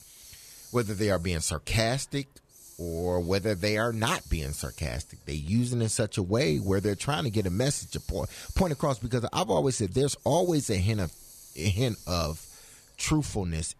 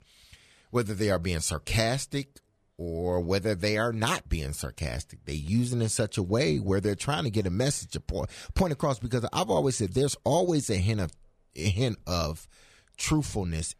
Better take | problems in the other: second | hiss; noticeable; throughout; 20 dB below the speech

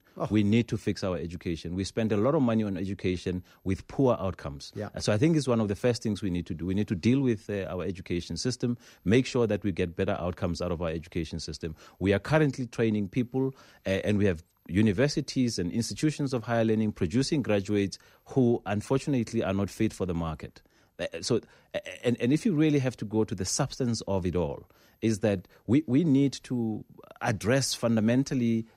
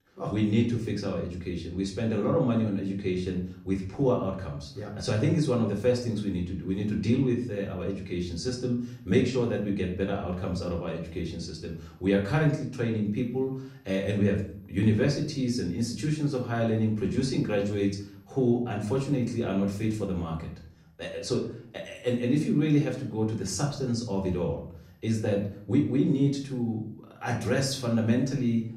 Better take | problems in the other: first | room echo; slight; dies away in 0.5 s // off-mic speech; far

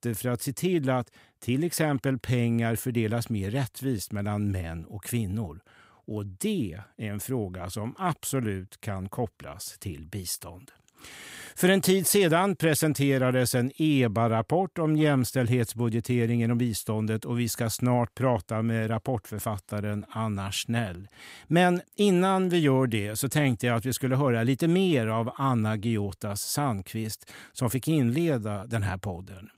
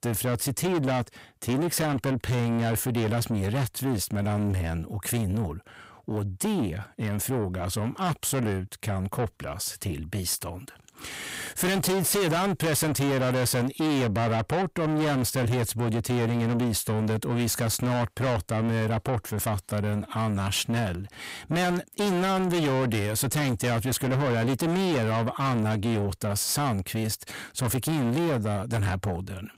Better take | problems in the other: first | distortion; heavy; 6 dB below the speech

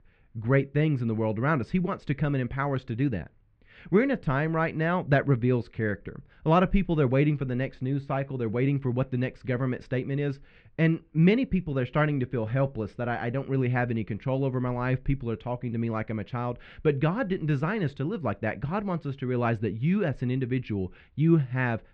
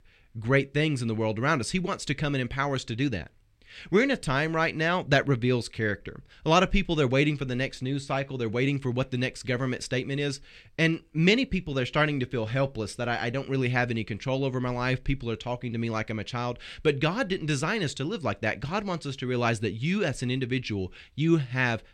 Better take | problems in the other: second | muffled; very; fading above 1.5 kHz

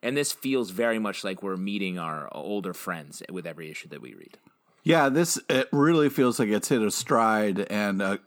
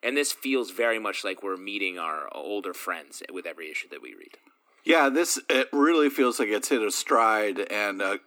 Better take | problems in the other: first | thin; very slightly; fading below 250 Hz

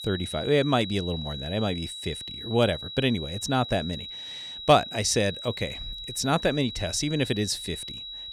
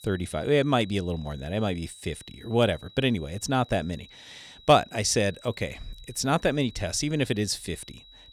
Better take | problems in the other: second | high-pitched whine; loud; throughout; 4 kHz, 9 dB below the speech; faint in the second

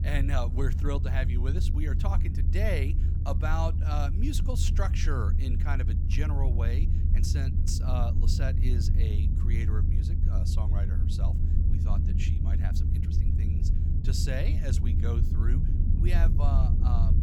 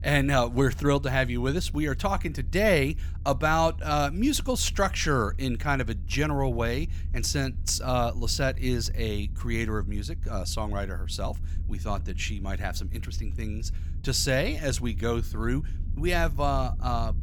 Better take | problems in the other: second | low rumble; loud; throughout; 5 dB below the speech; faint in the second

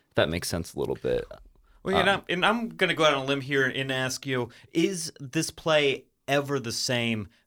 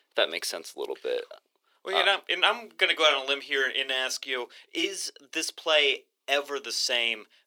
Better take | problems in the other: first | thin; very; fading below 400 Hz

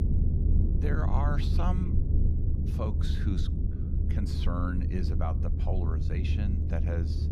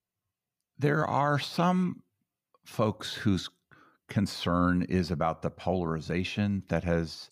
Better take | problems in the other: second | low rumble; loud; throughout; 4 dB below the speech

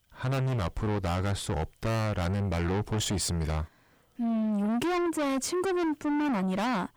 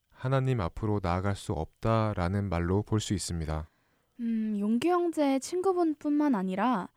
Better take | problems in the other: second | distortion; heavy; 6 dB below the speech

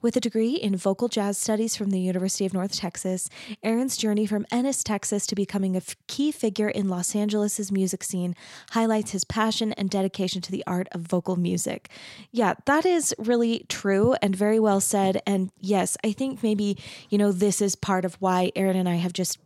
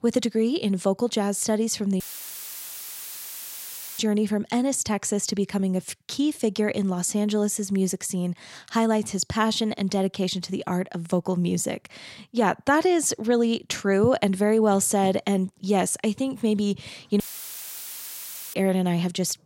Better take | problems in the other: first | audio cutting out; filled with static; at 2 s for 2 s and at 17 s for 1.5 s

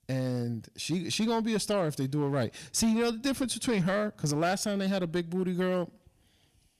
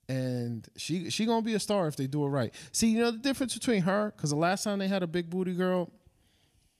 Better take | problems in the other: second | distortion; slight; 7% of the sound clipped

